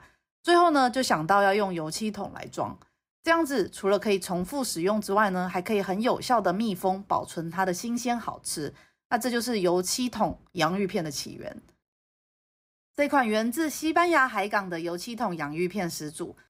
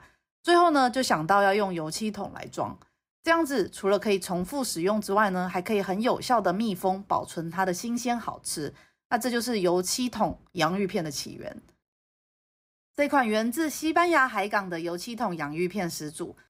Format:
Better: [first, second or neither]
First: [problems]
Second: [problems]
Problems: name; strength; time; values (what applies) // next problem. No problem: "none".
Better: neither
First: none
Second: none